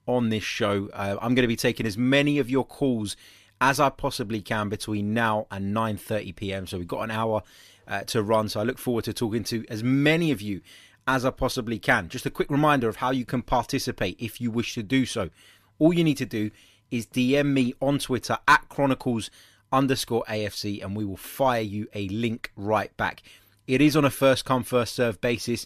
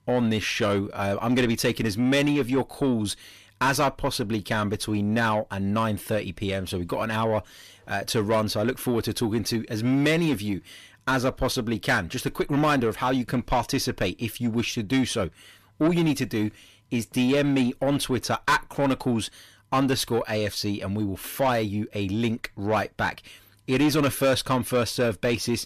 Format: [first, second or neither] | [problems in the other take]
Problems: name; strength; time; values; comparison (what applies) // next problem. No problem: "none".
first | distortion; slight; 10 dB below the speech